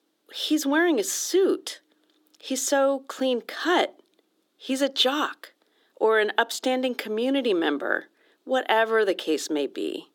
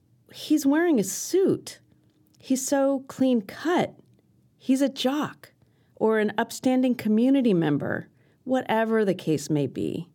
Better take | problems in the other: second | thin; somewhat; fading below 300 Hz

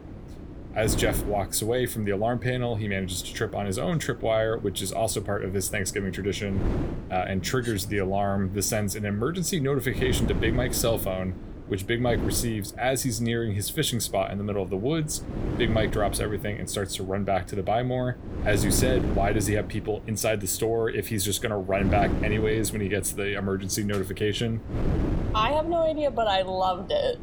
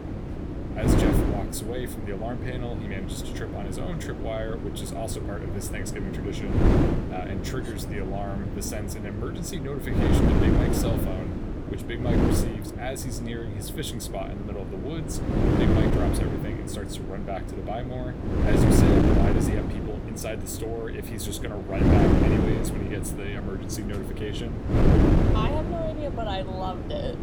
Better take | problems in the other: first | wind noise on the microphone; heavy; 3 dB above the speech; occasional gusts in the first

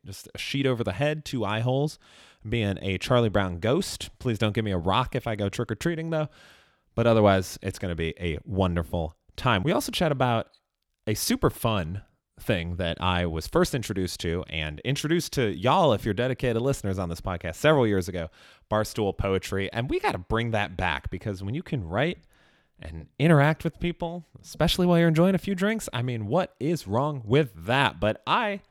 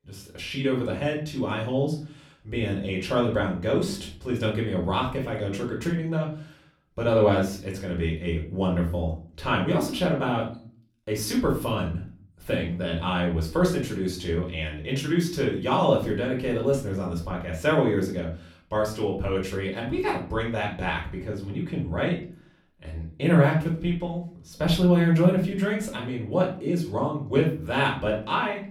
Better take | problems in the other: first | room echo; slight; dies away in 0.4 s // off-mic speech; far

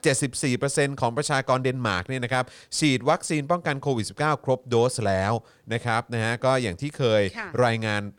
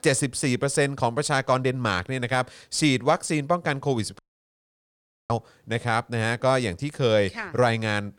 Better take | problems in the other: first | audio cutting out; at 4 s for 1 s

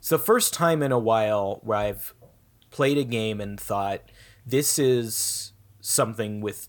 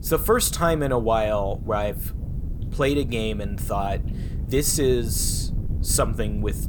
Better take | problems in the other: first | wind noise on the microphone; occasional gusts; 20 dB below the speech

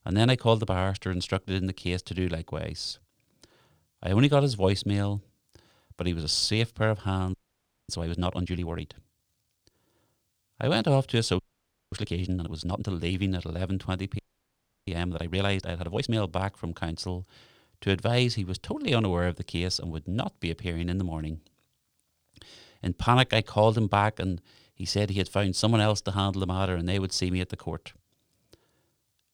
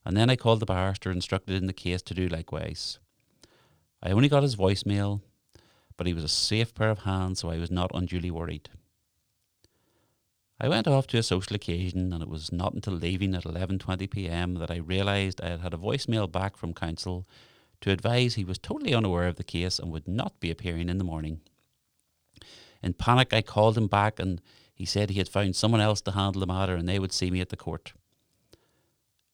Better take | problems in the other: second | audio freezing; at 7.5 s for 0.5 s, at 11 s for 0.5 s and at 14 s for 0.5 s

